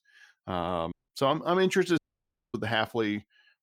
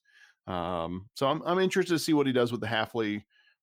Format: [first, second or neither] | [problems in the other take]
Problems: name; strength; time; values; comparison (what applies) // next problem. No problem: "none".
second | audio cutting out; at 1 s and at 2 s for 0.5 s